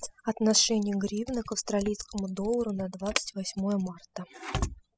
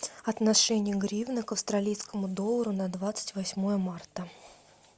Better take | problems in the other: second | noise reduction (classical method spectral subtraction)

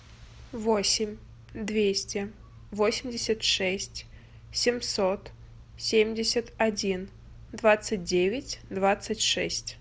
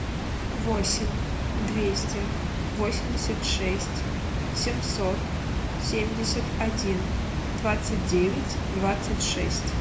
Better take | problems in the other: first | background sound (Water); 2 dB above the speech // room echo; dies away in 0.3 s

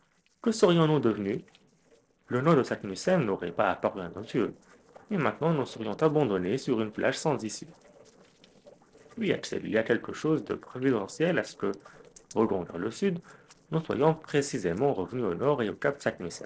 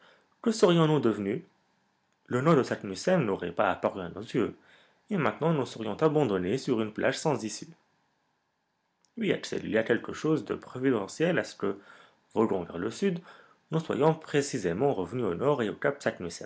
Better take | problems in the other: second | noise reduction (neural separator model SepFormer DNS4)

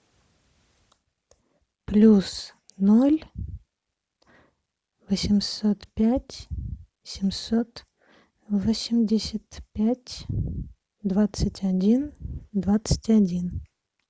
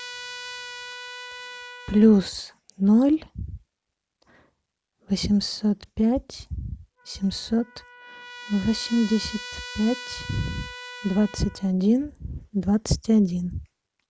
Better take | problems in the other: first | background sound (Trumpet); 17 dB below the speech

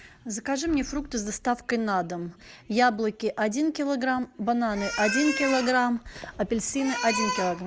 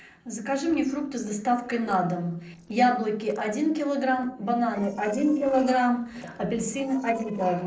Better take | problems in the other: first | noise reduction (neural separator model SepFormer DNS4)

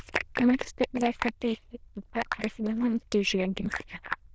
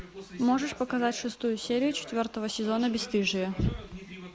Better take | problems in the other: second | noise reduction (neural diffusion model UNIVERSE++)

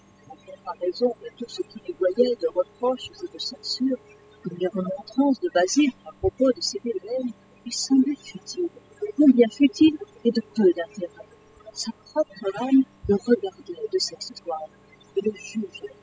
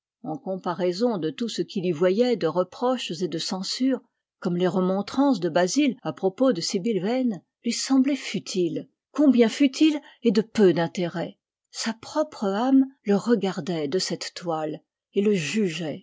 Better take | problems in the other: second | noise reduction (classical method spectral subtraction)

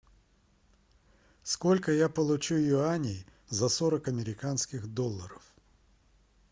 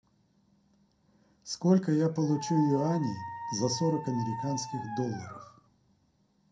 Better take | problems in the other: first | background sound (Dog); 8 dB below the speech // room echo; dies away in 0.2 s

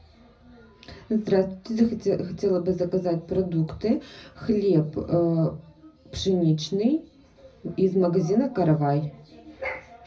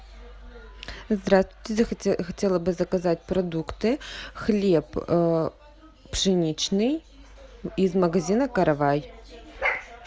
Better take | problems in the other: second | room echo; dies away in 0.4 s

